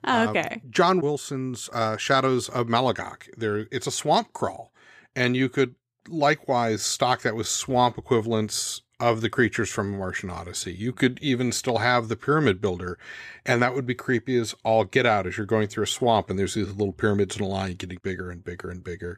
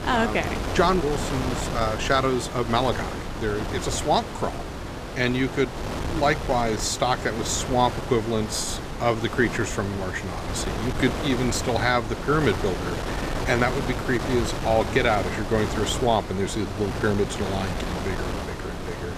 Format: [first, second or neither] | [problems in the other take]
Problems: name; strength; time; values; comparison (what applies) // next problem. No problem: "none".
first | wind noise on the microphone; heavy; 7 dB below the speech